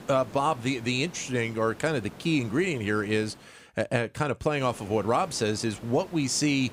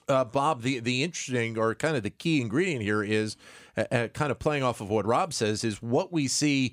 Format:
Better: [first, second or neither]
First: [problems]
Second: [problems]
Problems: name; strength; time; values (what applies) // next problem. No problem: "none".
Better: second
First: hiss; noticeable; until 3.5 s and from 4.5 s on; 20 dB below the speech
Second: none